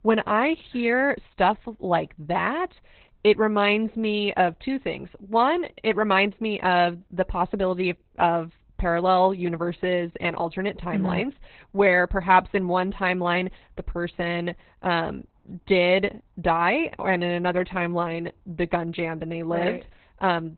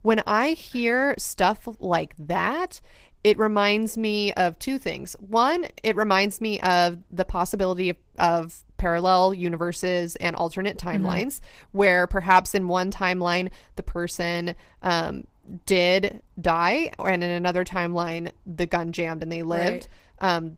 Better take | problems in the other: second | garbled, watery; badly; nothing above 4 kHz; slightly in the second

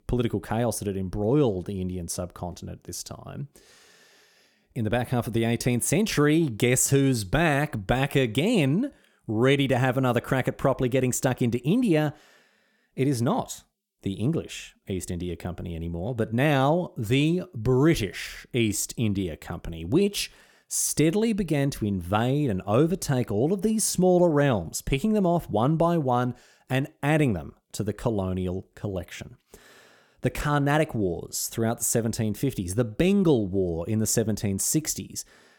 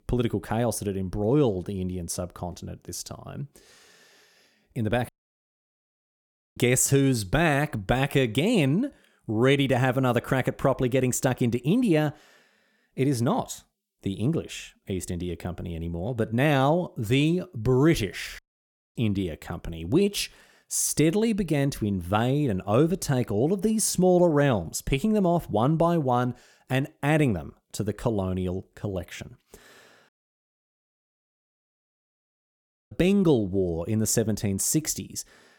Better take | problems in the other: first | audio cutting out; at 5 s for 1.5 s, at 18 s for 0.5 s and at 30 s for 3 s

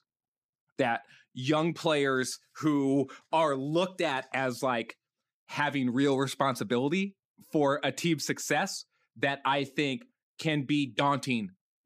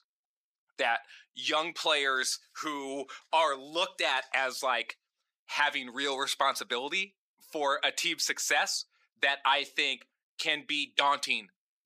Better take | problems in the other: first | thin; very; fading below 750 Hz

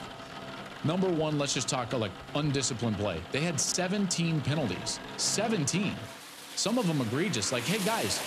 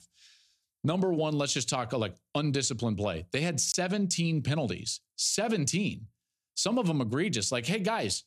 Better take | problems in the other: second | rain or running water; noticeable; throughout; 10 dB below the speech

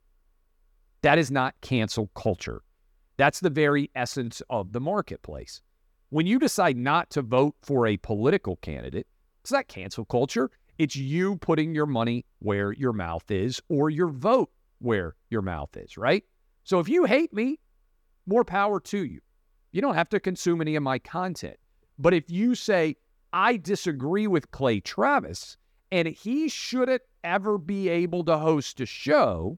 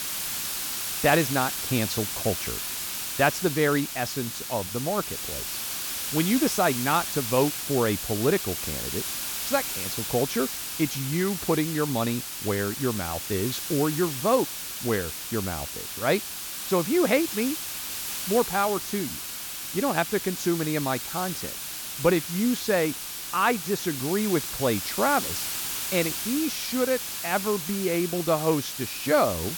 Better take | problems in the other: first | hiss; loud; throughout; 4 dB below the speech

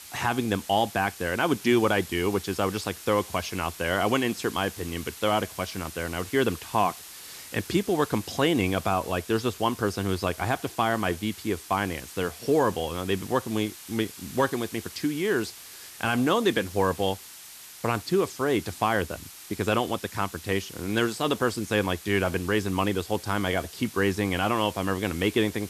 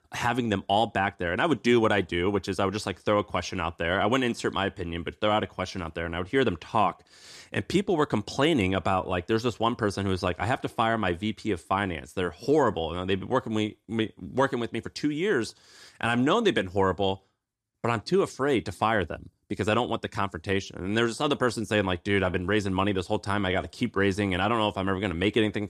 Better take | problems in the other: second | hiss; noticeable; throughout; 15 dB below the speech

